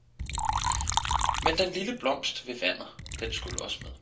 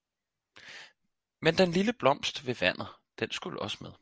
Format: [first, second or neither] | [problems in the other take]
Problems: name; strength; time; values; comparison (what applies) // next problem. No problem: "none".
second | background sound (Liquid); 1 dB above the speech // room echo; dies away in 0.2 s